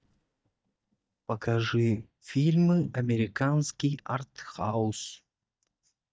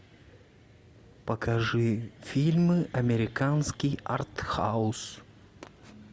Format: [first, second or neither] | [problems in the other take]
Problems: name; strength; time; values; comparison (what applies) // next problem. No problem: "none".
second | noise reduction (neural mask model DeepFilterNet 3)